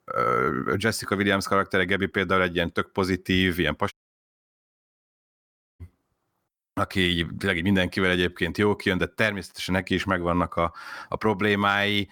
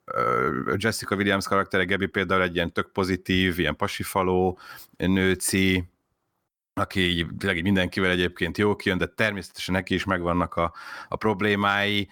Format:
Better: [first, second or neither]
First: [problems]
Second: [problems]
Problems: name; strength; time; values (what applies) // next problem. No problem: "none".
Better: second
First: audio cutting out; at 4 s for 2 s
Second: none